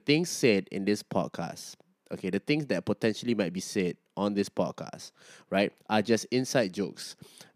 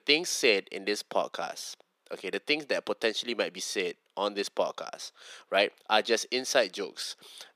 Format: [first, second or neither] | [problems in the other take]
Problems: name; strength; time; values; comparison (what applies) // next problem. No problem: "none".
first | thin; somewhat; fading below 550 Hz